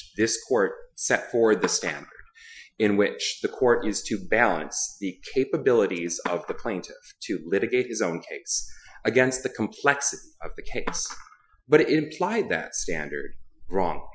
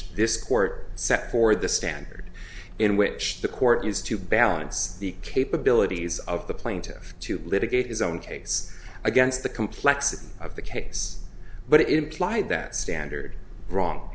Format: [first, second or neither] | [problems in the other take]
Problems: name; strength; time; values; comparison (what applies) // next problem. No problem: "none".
second | noise reduction (classical method Wiener filter)